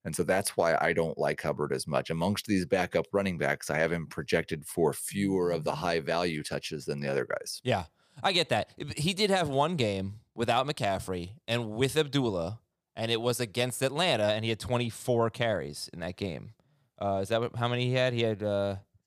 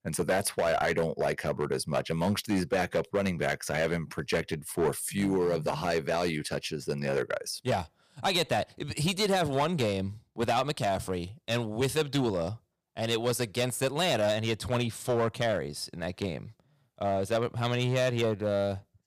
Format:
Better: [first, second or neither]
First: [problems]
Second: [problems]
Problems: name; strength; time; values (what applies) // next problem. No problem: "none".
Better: first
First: none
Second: distortion; slight; 6% of the sound clipped